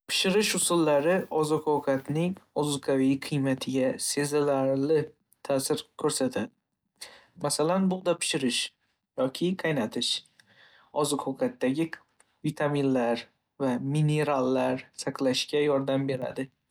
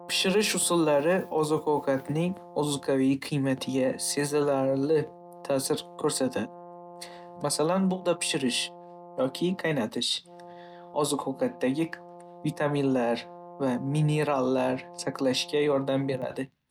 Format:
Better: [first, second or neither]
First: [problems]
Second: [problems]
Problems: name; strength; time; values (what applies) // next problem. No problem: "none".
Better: first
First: none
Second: background sound (Brass instrument); 18 dB below the speech